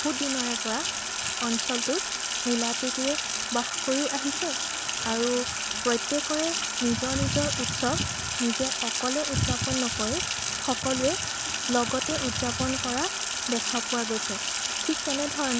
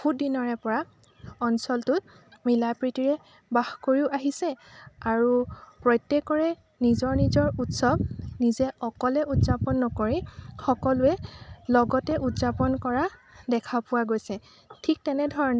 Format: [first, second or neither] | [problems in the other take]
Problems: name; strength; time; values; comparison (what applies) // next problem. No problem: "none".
second | background sound (Sink (filling or washing)); as loud as the speech